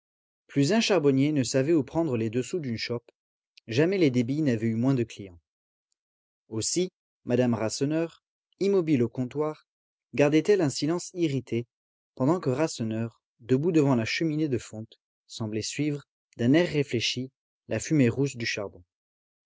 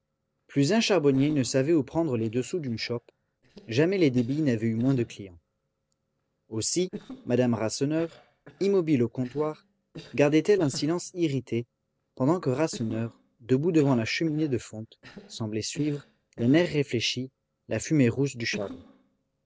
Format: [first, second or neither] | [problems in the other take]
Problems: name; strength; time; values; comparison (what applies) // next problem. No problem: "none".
first | noise reduction (neural separator model SepFormer DNS4)